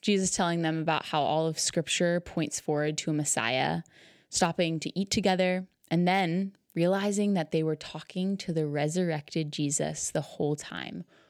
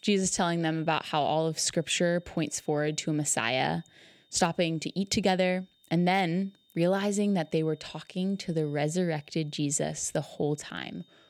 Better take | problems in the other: first | high-pitched whine; faint; throughout; 3.5 kHz, 35 dB below the speech

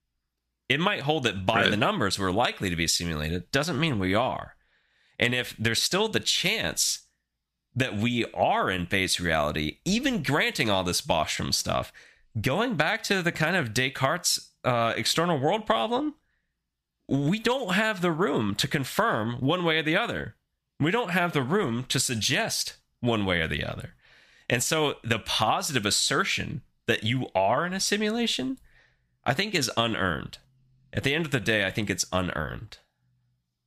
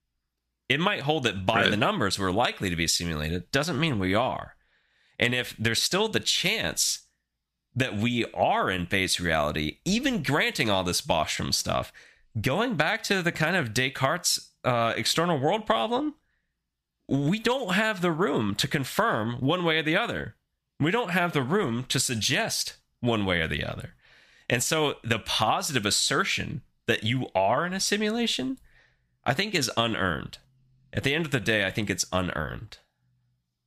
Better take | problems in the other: neither | none

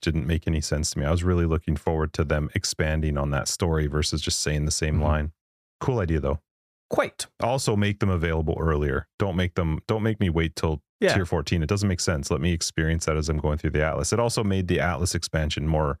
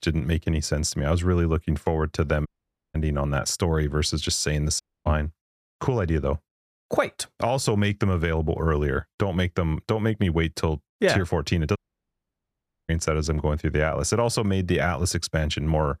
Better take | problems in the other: first | audio cutting out; at 2.5 s, at 5 s and at 12 s for 1 s

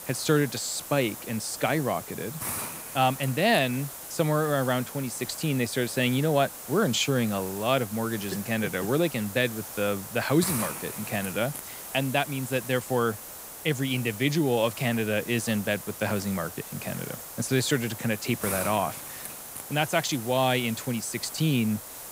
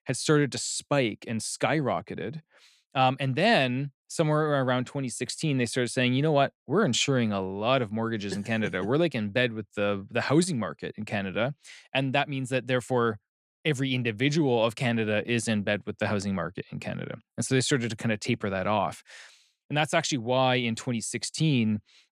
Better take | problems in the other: second | hiss; loud; throughout; 9 dB below the speech

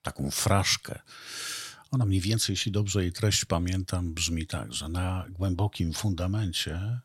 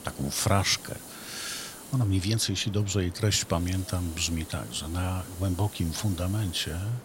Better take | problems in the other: first | hiss; noticeable; throughout; 15 dB below the speech

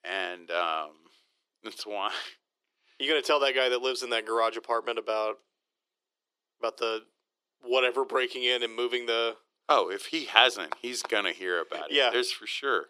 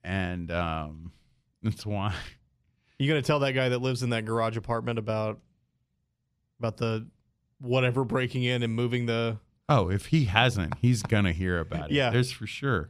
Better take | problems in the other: second | thin; very; fading below 350 Hz

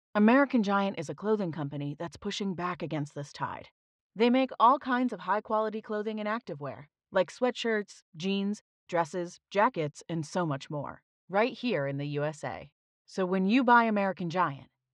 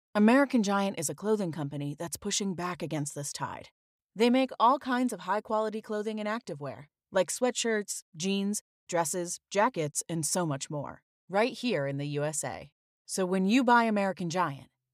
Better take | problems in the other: second | muffled; slightly; fading above 4 kHz

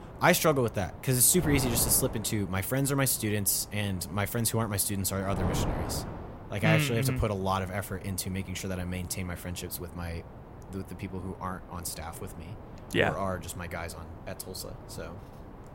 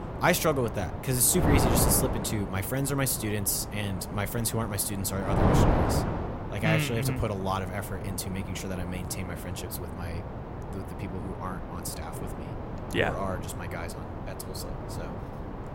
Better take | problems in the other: first | wind noise on the microphone; heavy; 4 dB below the speech; occasional gusts in the first

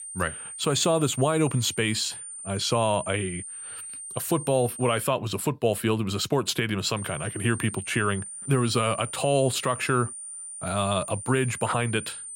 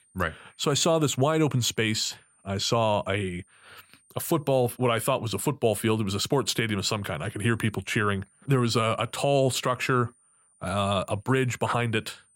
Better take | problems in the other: second | high-pitched whine; loud; until 5 s and from 7 s on; 9 kHz, 10 dB below the speech; faint in the second

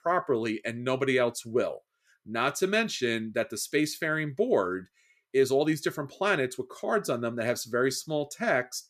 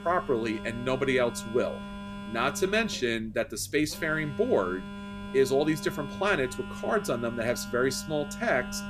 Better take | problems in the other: first | alarms or sirens; noticeable; throughout; 10 dB below the speech

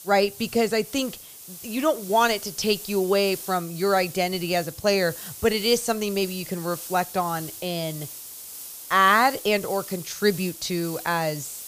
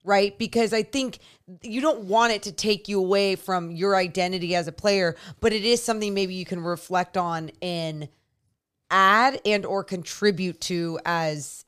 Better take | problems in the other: second | hiss; noticeable; throughout; 10 dB below the speech

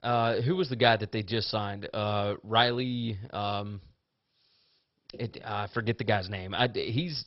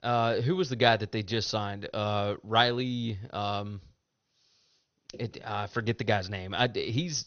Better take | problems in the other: second | garbled, watery; badly; nothing above 5.5 kHz; slightly in the second

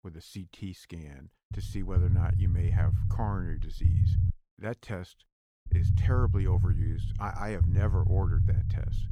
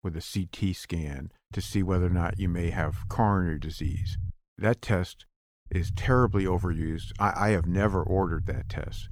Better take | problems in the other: second | low rumble; loud; from 1.5 to 4.5 s and from 5.5 s on; 2 dB below the speech; faint in the second

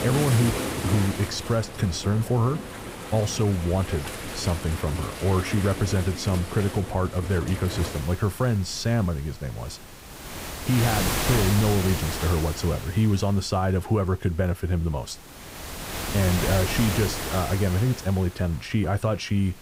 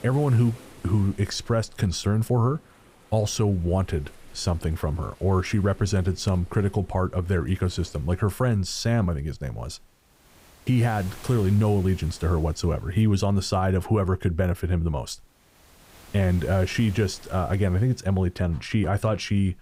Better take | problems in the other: second | rain or running water; loud; throughout; 6 dB below the speech; faint in the second

